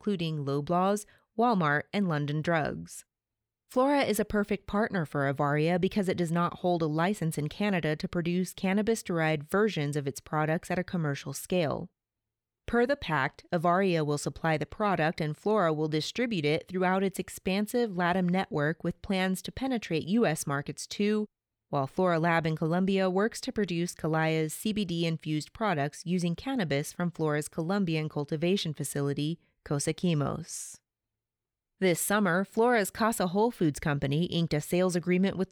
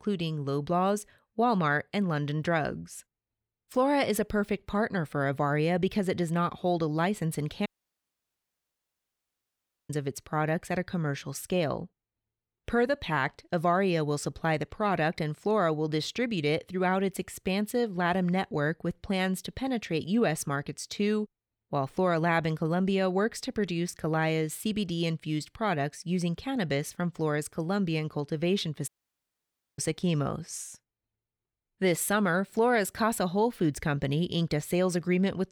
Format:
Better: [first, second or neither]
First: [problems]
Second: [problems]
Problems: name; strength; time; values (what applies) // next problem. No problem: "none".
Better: first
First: none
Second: audio cutting out; at 7.5 s for 2 s and at 29 s for 1 s